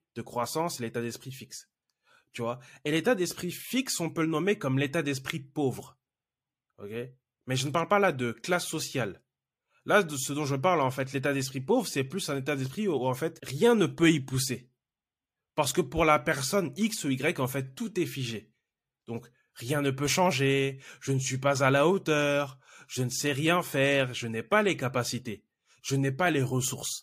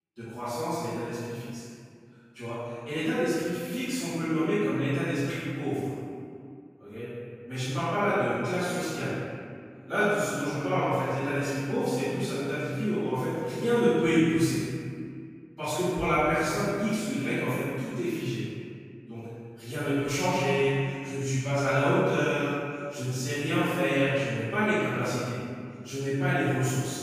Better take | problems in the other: first | off-mic speech; far // room echo; strong; dies away in 2 s

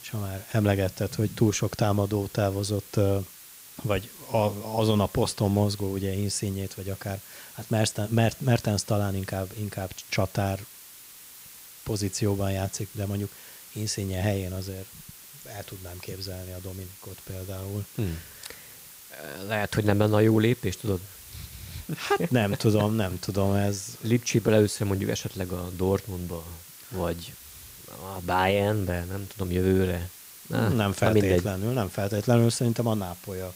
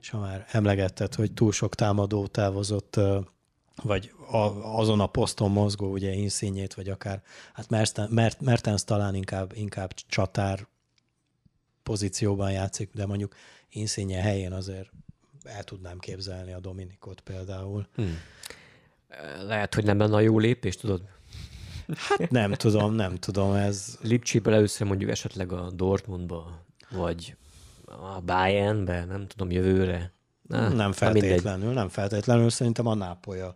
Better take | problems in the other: second | hiss; noticeable; throughout; 15 dB below the speech

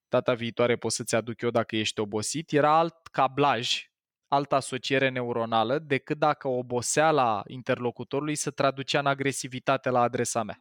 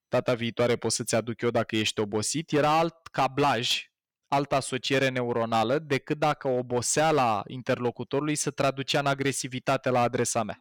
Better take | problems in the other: first | distortion; slight; 8% of the sound clipped

